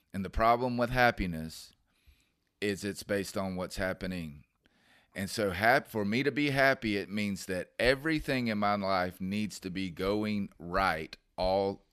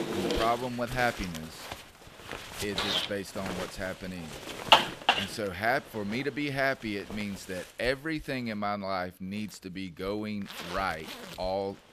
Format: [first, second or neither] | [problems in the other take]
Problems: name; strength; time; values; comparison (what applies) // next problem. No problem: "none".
first | household noises; very loud; throughout; 2 dB above the speech